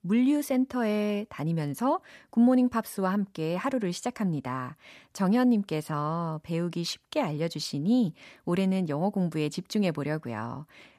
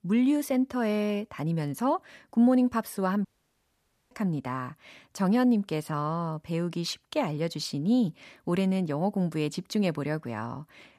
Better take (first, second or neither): first